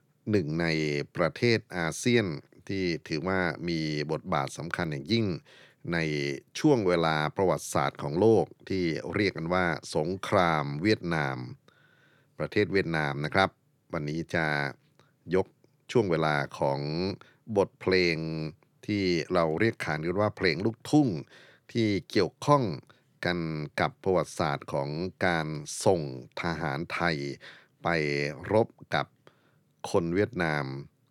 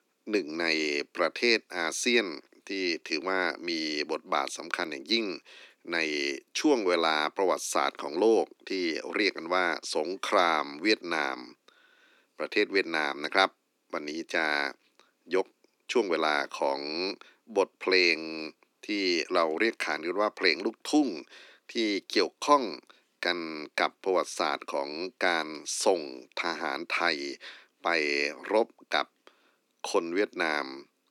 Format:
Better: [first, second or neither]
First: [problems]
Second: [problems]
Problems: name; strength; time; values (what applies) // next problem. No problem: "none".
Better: first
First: none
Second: thin; somewhat; fading below 250 Hz